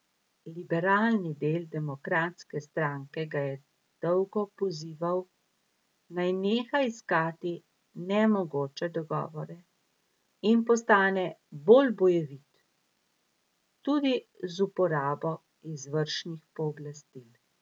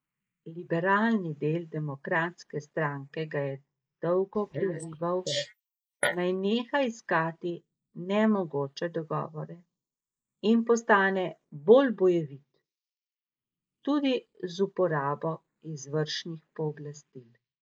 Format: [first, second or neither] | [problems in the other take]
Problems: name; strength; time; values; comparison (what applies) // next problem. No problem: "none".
first | noise reduction (neural mask model Resemble Enhance denoiser)